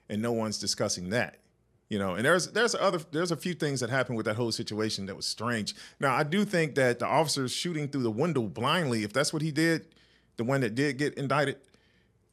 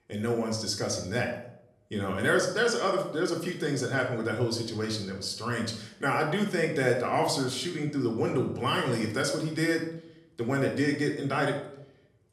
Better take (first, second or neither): first